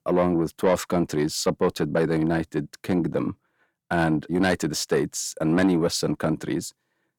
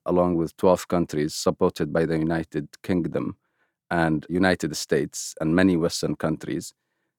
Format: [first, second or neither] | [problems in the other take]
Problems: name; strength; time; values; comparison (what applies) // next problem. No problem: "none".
second | distortion; slight; 10 dB below the speech